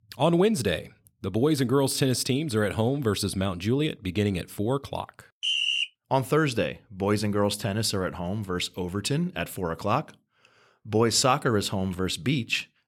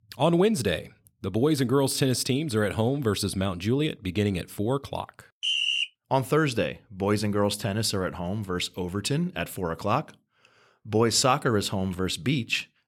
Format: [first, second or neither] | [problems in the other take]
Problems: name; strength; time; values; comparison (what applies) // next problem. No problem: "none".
neither | none